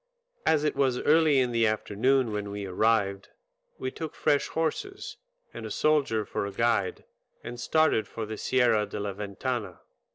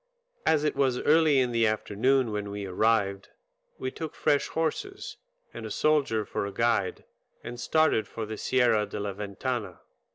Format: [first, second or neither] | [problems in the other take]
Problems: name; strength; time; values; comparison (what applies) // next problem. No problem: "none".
second | noise reduction (neural separator model SepFormer DNS4)